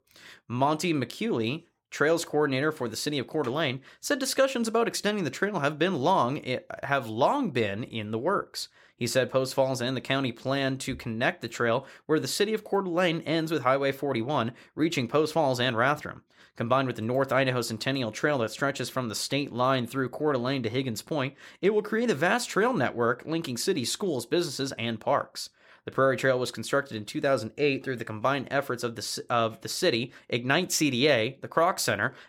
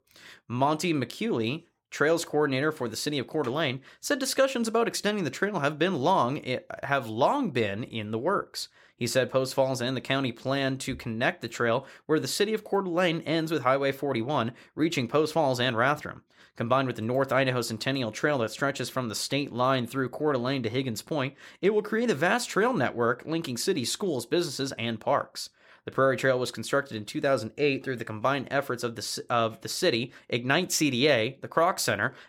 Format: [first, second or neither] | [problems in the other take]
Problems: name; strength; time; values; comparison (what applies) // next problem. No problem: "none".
neither | none